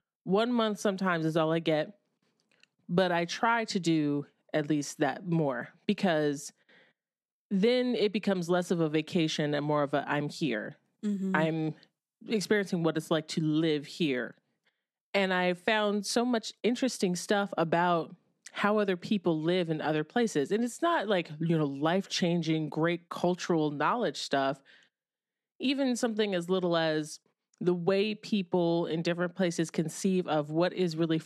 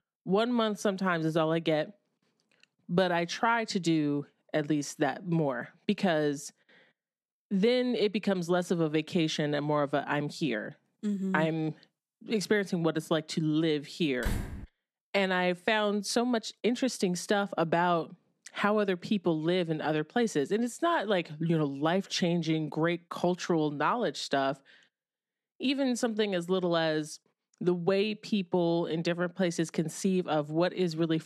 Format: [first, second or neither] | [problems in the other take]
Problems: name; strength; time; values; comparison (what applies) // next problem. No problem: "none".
first | door banging; noticeable; at 14 s; peak 6 dB below the speech